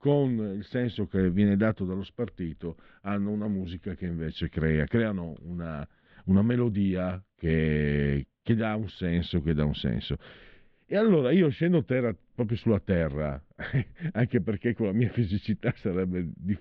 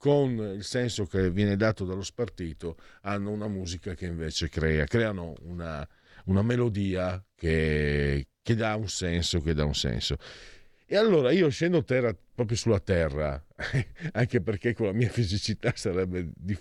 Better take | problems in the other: second | muffled; very; fading above 3.5 kHz

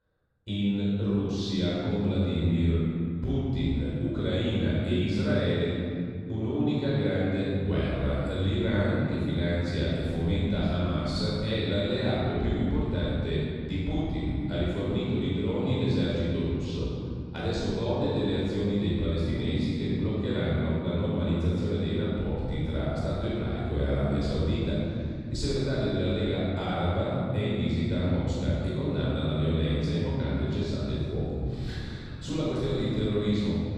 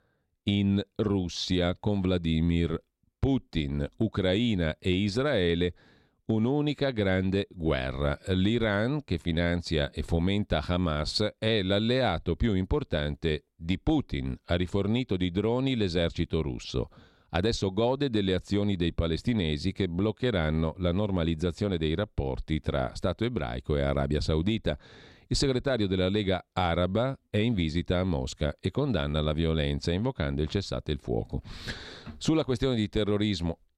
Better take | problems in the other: second | room echo; strong; dies away in 3 s // off-mic speech; far

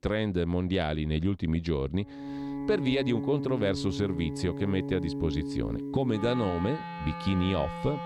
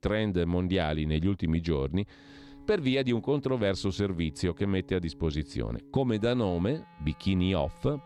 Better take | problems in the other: second | background music; loud; from 2 s on; 6 dB below the speech; faint in the second

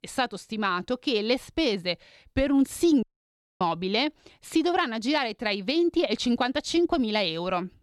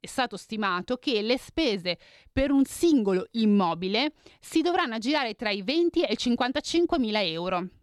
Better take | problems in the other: second | audio cutting out; at 3 s for 0.5 s

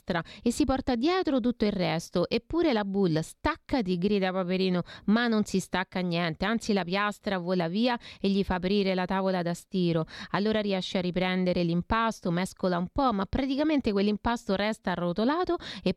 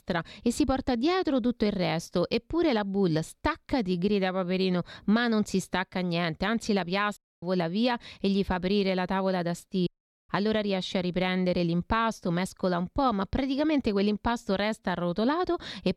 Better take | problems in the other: first | audio cutting out; at 7 s and at 10 s

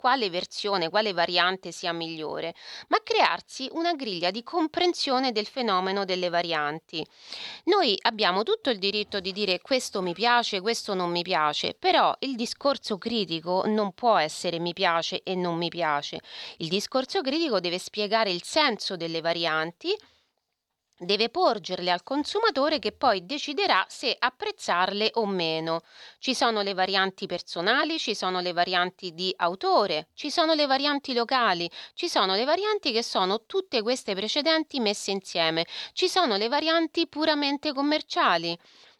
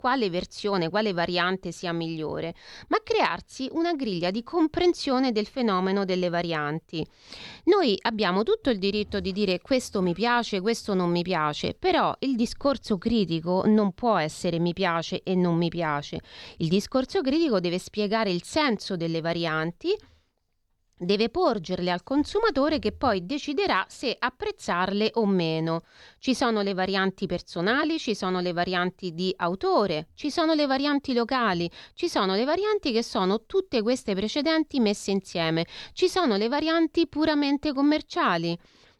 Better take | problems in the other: second | thin; somewhat; fading below 1 kHz

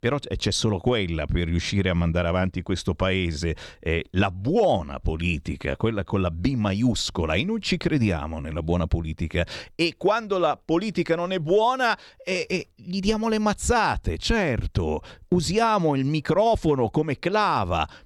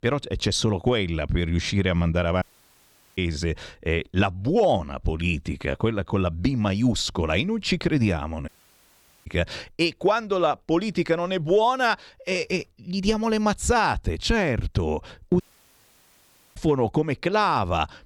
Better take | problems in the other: first | audio cutting out; at 2.5 s for 1 s, at 8.5 s for 1 s and at 15 s for 1 s

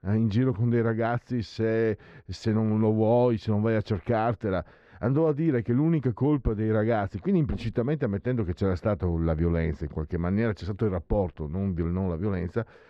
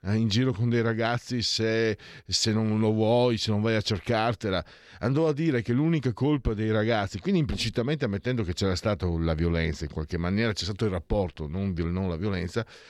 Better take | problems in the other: second | muffled; very; fading above 2.5 kHz

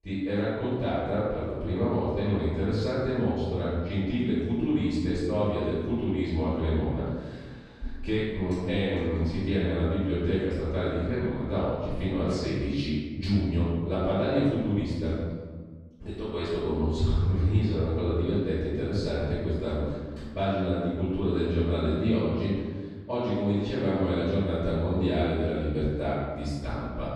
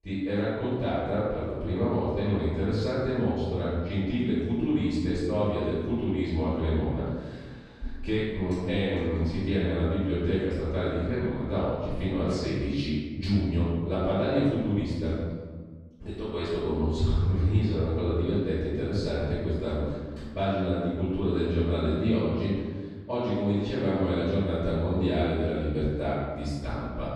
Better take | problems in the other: neither | off-mic speech; far; the same in both // room echo; strong; dies away in 1.4 s; the same in both

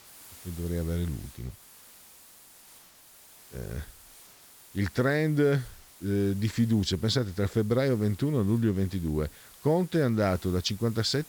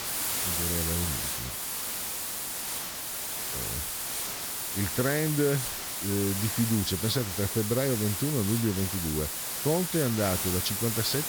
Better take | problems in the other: first | hiss; loud; throughout; as loud as the speech; faint in the first

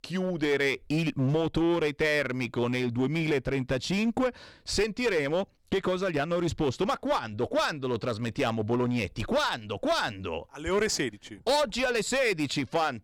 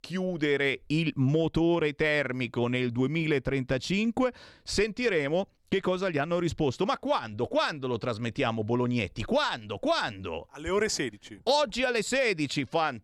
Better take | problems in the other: second | distortion; slight; 8% of the sound clipped

